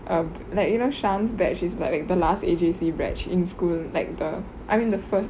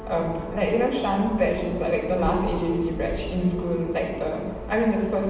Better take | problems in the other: first | background sound (Brass instrument); 17 dB below the speech // room echo; dies away in 1.2 s

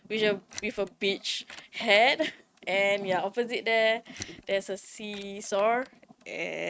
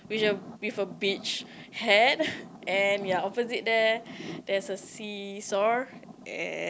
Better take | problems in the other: second | noise reduction (neural mask model RNNoise)

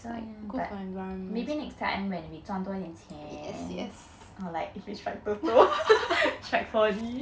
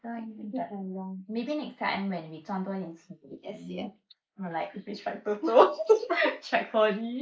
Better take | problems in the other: first | noise reduction (neural mask model Resemble Enhance denoiser)

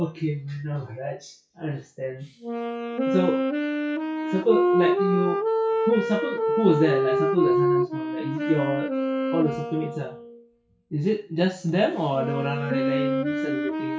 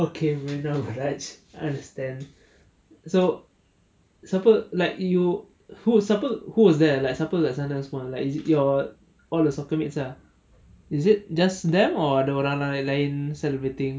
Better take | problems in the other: second | noise reduction (classical method WPE with log-MMSE)

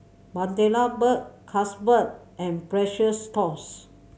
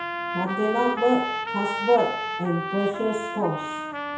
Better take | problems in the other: first | background sound (Trumpet); 4 dB below the speech // room echo; dies away in 0.6 s

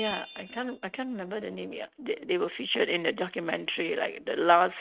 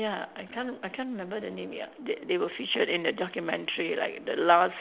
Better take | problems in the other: second | noise reduction (neural mask model RNNoise)

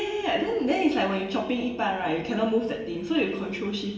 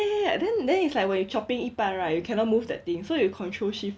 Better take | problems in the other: second | room echo; dies away in 0.9 s

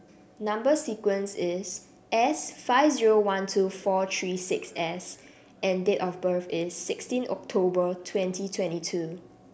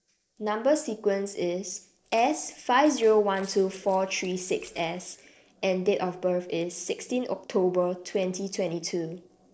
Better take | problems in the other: first | noise reduction (neural separator model SepFormer DNS4)

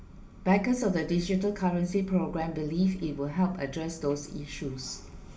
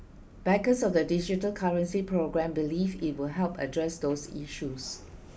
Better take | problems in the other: second | room echo; dies away in 0.8 s

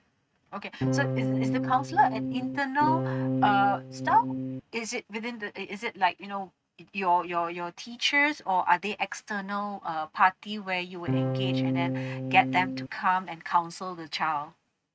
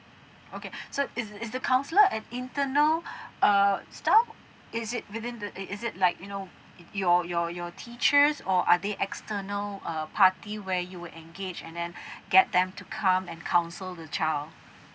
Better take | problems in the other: second | noise reduction (neural mask model RNNoise)

